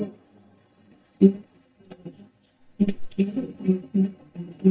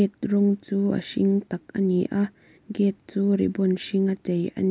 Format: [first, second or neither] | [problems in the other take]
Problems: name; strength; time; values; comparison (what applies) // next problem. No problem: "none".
second | noise reduction (neural mask model DeepFilterNet 3)